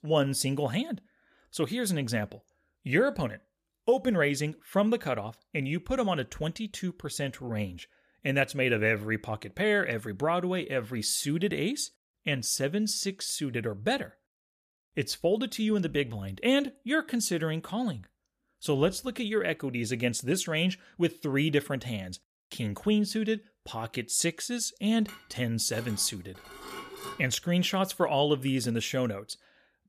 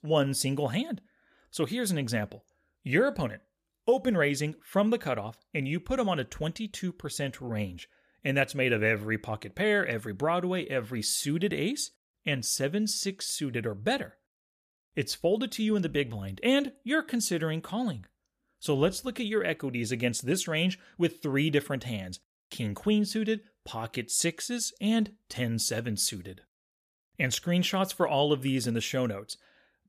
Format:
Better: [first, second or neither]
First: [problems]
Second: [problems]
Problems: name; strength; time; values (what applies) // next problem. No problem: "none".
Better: second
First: clattering dishes; faint; from 25 to 27 s; peak 10 dB below the speech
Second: none